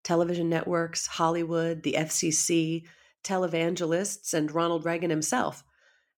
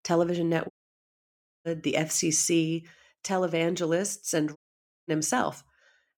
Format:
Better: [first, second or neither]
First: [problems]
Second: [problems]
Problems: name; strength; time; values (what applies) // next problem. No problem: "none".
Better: first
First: none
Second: audio cutting out; at 0.5 s for 1 s and at 4.5 s for 0.5 s